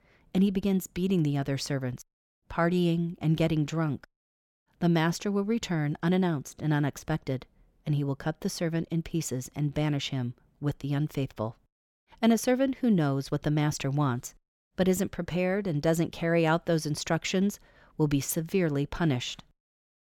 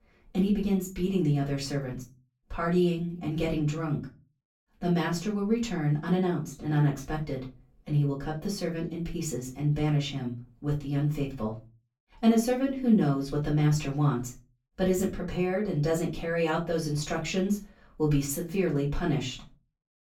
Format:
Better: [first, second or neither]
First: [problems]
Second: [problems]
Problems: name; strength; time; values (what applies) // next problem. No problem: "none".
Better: first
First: none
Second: off-mic speech; far // room echo; very slight; dies away in 0.2 s